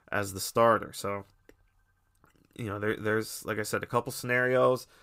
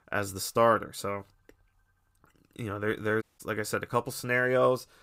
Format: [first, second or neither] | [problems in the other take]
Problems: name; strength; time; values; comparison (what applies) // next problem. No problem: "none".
first | audio cutting out; at 3 s